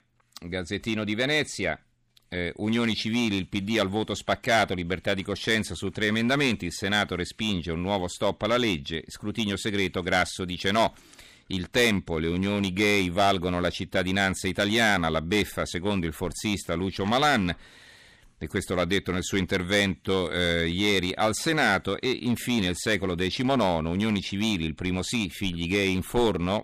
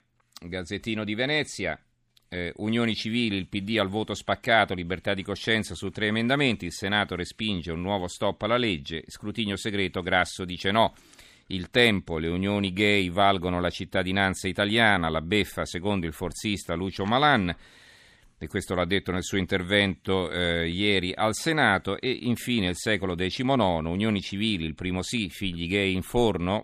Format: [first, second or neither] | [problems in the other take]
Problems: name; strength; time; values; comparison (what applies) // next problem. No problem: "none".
second | distortion; slight; 4% of the sound clipped